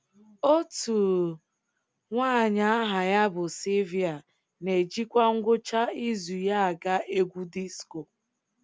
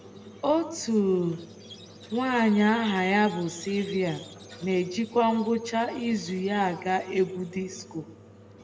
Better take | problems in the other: first | background sound (Squeak); 19 dB below the speech // room echo; dies away in 0.9 s

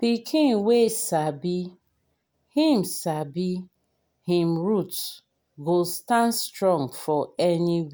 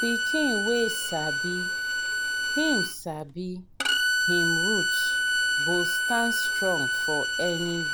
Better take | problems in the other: first | background sound (Bowed string instrument); 4 dB above the speech

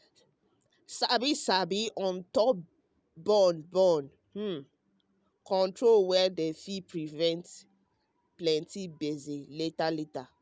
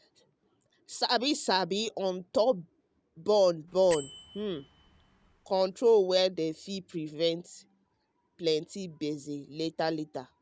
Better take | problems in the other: first | background sound (Bell); 18 dB below the speech

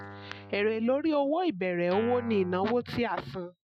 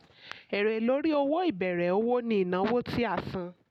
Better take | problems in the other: second | noise reduction (classical method Wiener filter)

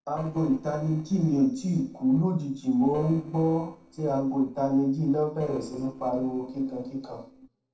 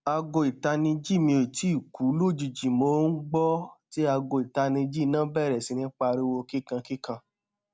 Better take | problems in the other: second | noise reduction (neural separator model SepFormer DNS4)

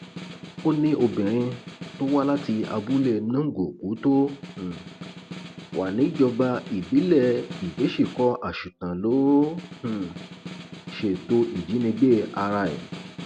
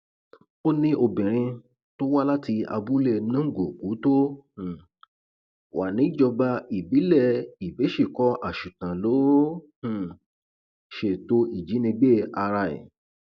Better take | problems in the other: second | background sound (Snare drum); 15 dB below the speech

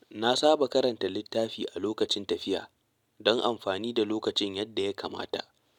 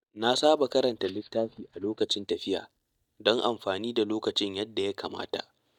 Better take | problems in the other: first | noise reduction (neural mask model DeepFilterNet 3)

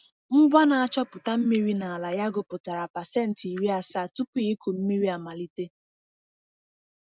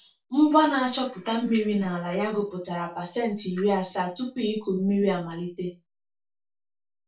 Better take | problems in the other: first | room echo; dies away in 0.3 s

